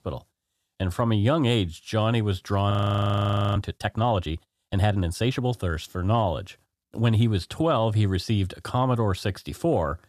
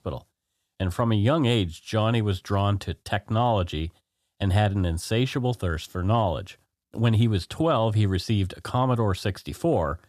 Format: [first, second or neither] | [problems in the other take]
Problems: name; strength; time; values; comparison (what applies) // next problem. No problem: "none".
second | audio freezing; at 2.5 s for 1 s